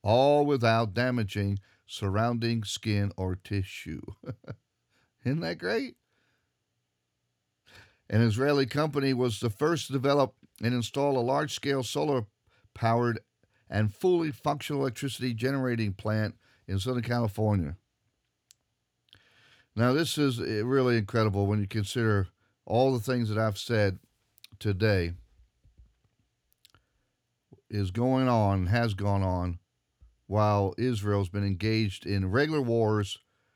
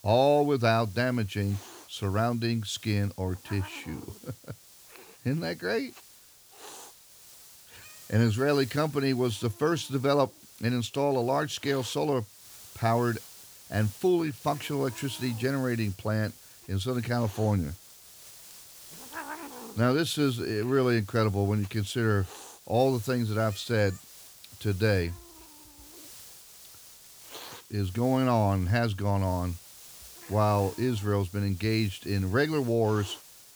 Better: first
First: none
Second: hiss; noticeable; throughout; 20 dB below the speech

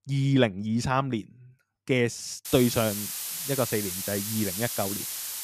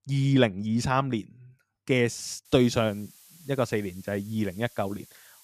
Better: second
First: hiss; loud; from 2.5 s on; 4 dB below the speech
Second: hiss; faint; from 2.5 s on; 25 dB below the speech

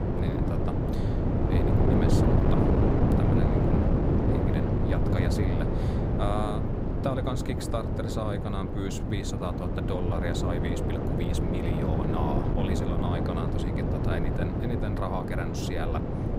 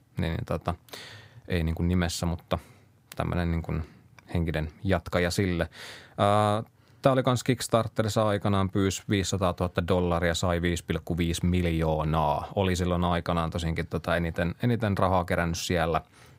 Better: second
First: wind noise on the microphone; heavy; 3 dB above the speech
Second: none

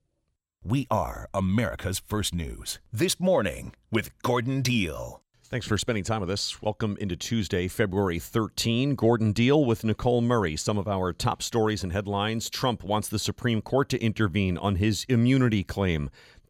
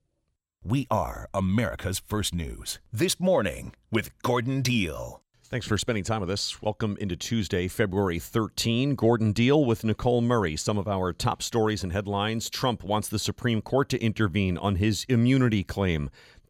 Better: neither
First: none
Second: none

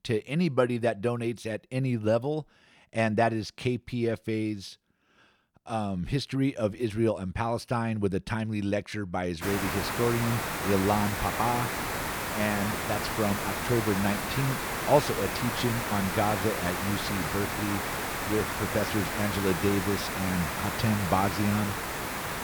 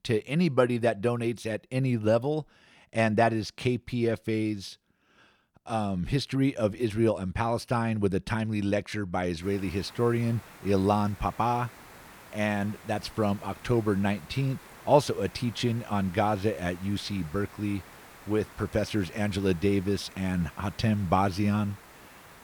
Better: second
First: hiss; loud; from 9.5 s on; 2 dB below the speech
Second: hiss; faint; from 9.5 s on; 20 dB below the speech

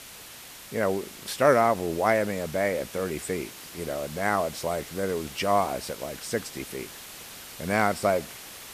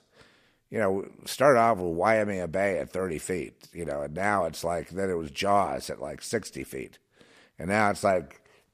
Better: second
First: hiss; noticeable; throughout; 15 dB below the speech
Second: none

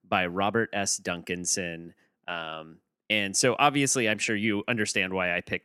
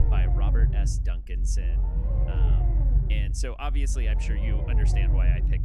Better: first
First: none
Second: low rumble; loud; throughout; 3 dB below the speech

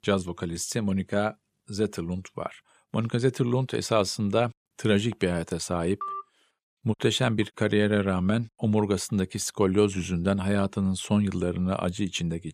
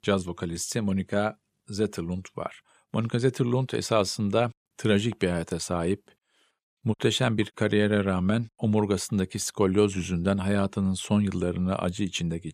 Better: second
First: phone ringing; noticeable; at 6 s; peak 8 dB below the speech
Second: none

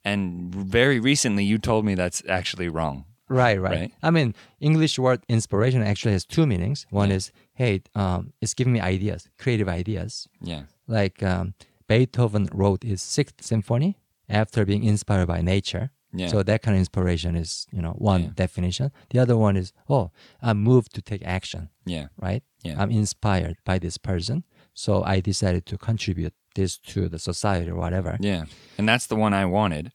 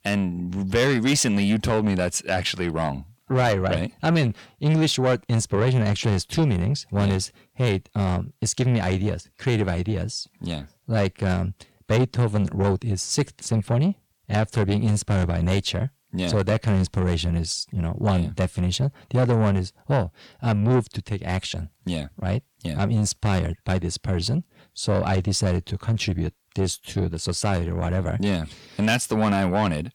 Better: first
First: none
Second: distortion; slight; 10 dB below the speech

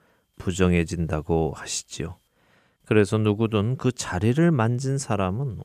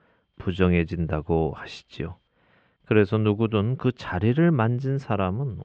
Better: first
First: none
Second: muffled; very; fading above 3.5 kHz

